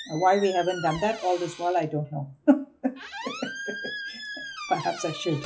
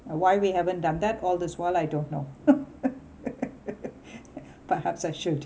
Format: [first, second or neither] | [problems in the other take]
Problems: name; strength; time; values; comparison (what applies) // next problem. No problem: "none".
second | noise reduction (classical method log-MMSE)